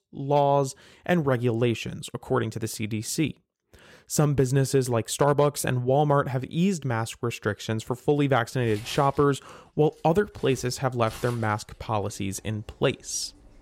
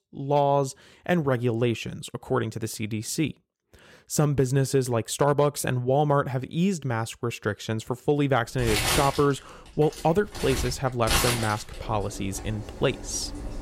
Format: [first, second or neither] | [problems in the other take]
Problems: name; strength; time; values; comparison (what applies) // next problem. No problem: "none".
first | household noises; loud; from 8.5 s on; 4 dB below the speech; faint in the first